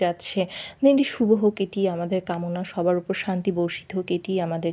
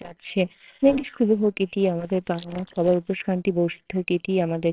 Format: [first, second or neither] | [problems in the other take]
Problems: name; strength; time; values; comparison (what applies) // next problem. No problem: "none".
first | noise reduction (neural separator model SepFormer WHAMR!)